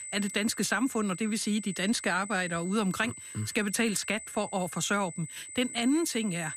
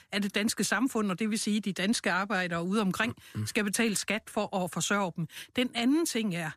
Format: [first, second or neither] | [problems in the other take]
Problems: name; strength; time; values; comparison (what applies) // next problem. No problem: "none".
second | high-pitched whine; noticeable; throughout; 8 kHz, 10 dB below the speech